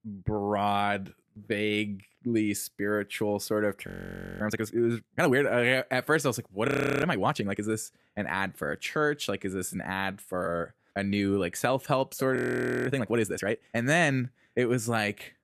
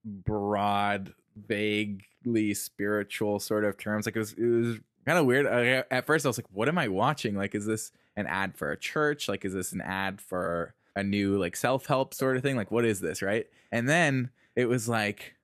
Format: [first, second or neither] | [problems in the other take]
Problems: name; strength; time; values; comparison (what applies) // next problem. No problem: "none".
second | audio freezing; at 4 s for 0.5 s, at 6.5 s and at 12 s for 0.5 s